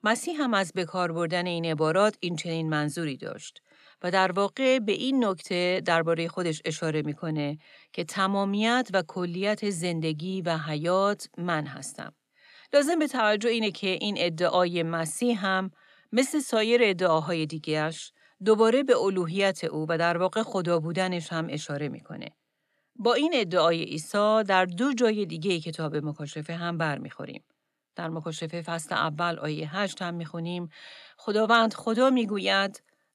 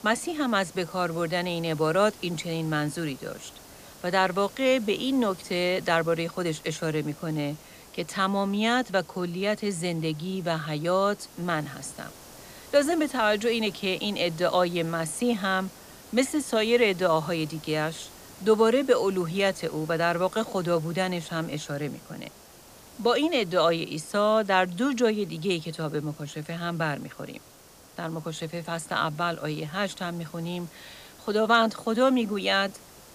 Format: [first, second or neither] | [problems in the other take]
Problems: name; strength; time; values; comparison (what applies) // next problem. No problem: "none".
first | hiss; faint; throughout; 20 dB below the speech